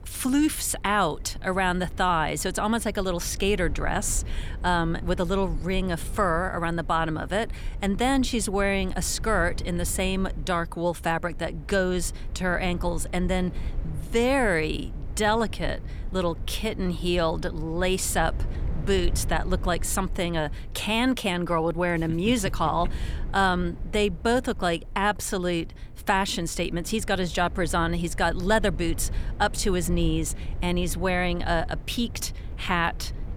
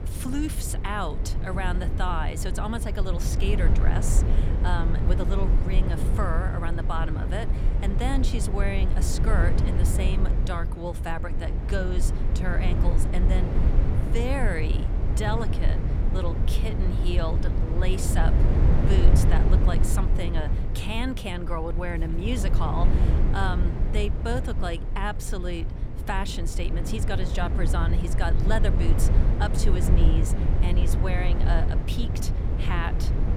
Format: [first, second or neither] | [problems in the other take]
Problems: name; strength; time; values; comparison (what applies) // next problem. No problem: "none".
first | low rumble; loud; throughout; 5 dB below the speech; faint in the first